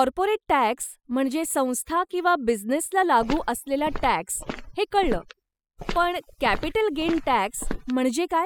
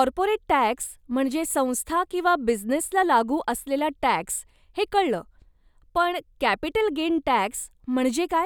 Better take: second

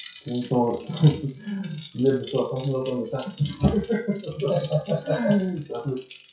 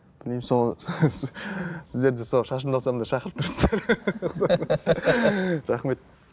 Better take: second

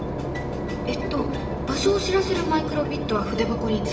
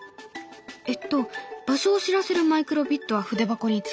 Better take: second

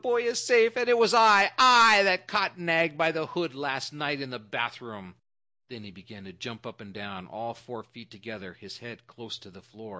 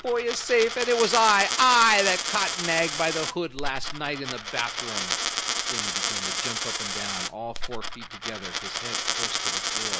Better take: first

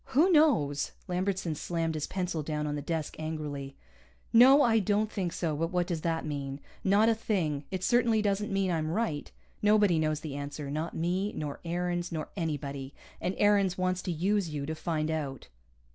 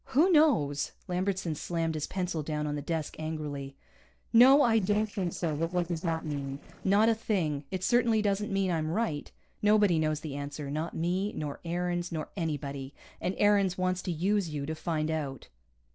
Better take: first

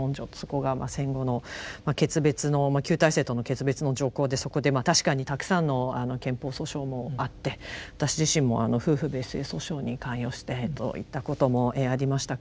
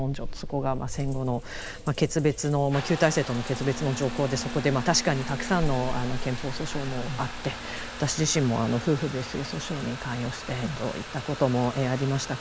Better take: first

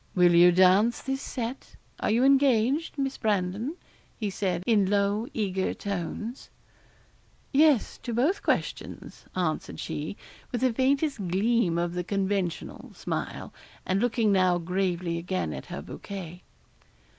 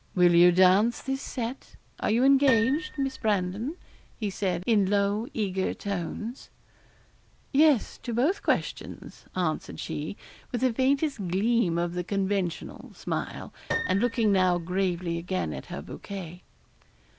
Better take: first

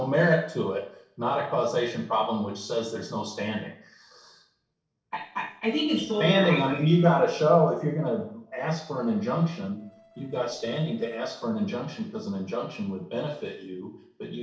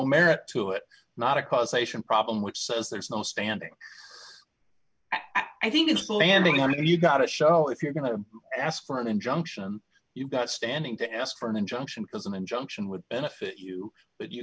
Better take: second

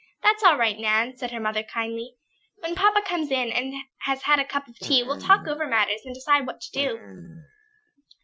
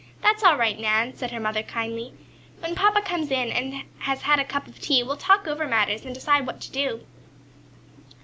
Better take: second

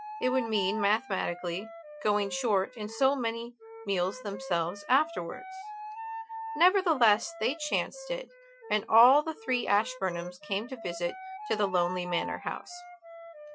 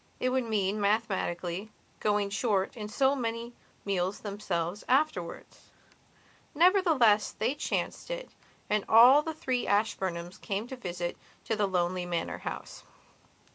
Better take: second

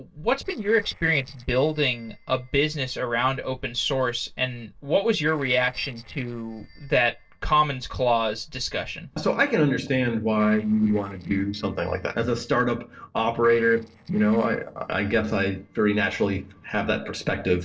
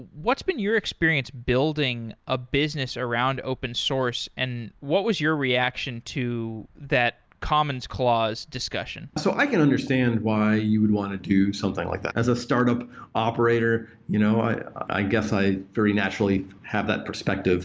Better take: second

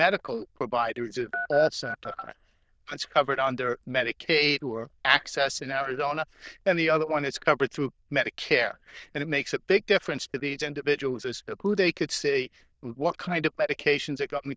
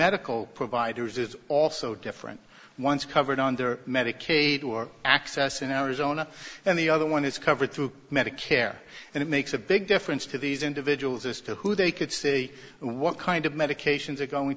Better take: second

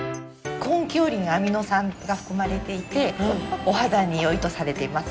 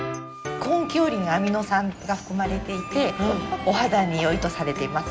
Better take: first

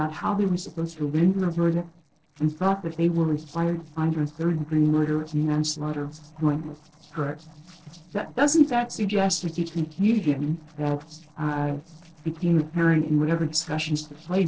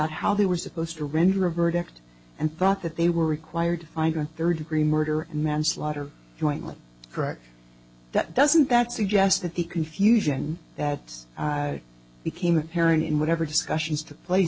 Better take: second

